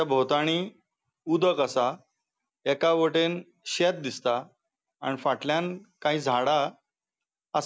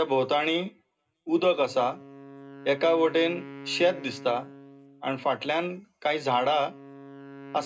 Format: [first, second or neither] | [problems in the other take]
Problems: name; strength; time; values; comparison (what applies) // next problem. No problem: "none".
first | background sound (Wind instrument, woodwind instrument); 18 dB below the speech // room echo; dies away in 0.2 s